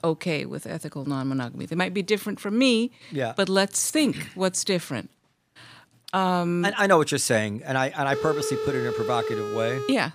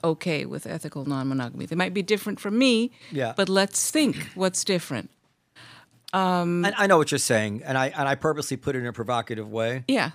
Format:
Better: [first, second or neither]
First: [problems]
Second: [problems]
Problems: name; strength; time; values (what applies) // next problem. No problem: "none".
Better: second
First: phone ringing; noticeable; from 8 s on; peak 4 dB below the speech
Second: none